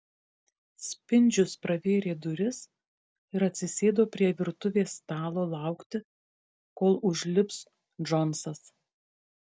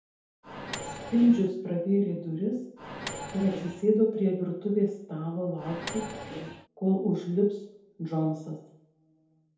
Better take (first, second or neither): first